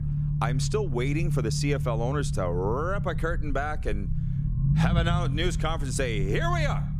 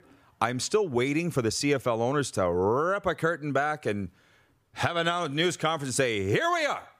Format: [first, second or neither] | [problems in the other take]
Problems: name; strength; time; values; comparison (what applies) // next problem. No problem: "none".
second | low rumble; loud; throughout; 10 dB below the speech